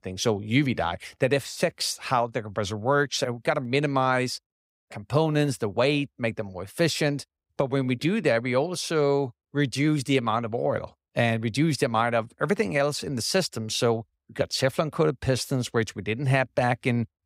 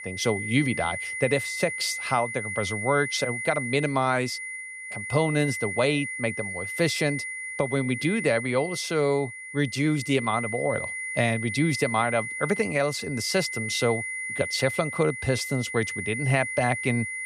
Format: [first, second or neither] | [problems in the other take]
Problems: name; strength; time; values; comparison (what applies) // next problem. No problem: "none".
first | high-pitched whine; loud; throughout; 2 kHz, 5 dB below the speech